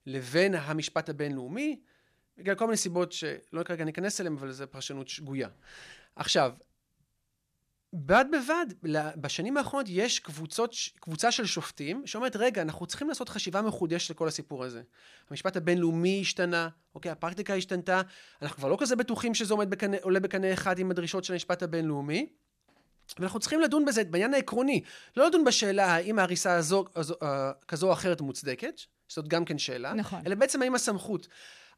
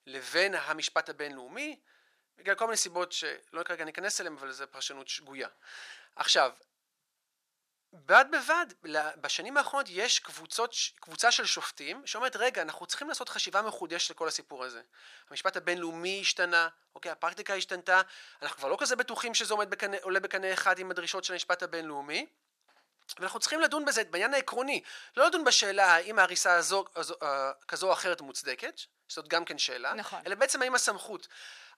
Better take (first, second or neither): first